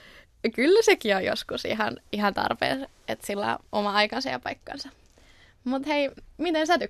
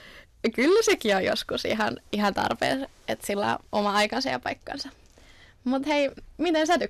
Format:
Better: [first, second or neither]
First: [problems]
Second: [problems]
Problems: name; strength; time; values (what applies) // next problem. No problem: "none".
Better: first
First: none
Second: distortion; slight; 10 dB below the speech